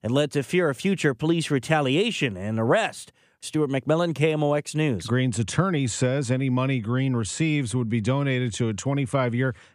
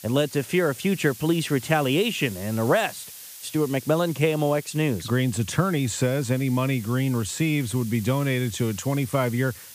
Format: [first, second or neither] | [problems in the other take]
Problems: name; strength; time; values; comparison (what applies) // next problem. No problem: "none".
first | hiss; noticeable; throughout; 15 dB below the speech